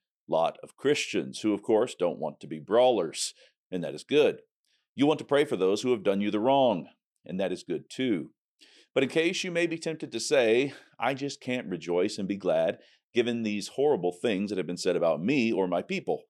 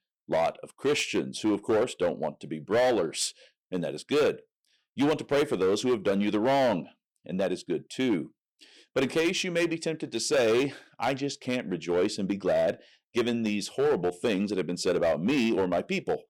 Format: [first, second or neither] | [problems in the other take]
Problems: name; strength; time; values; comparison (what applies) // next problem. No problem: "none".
first | distortion; slight; 8% of the sound clipped